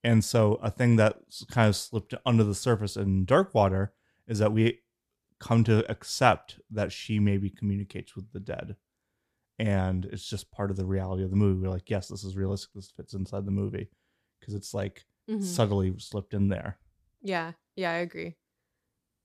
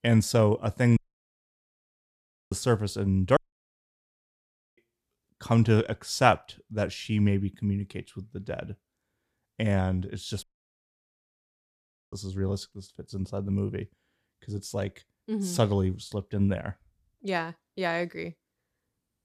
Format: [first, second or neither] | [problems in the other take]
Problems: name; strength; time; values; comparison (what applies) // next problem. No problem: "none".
first | audio cutting out; at 1 s for 1.5 s, at 3.5 s for 1.5 s and at 10 s for 1.5 s